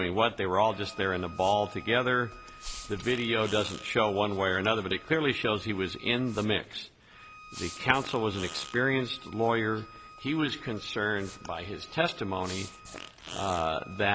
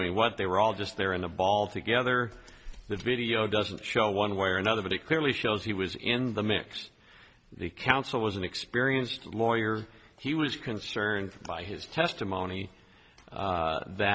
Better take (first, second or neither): second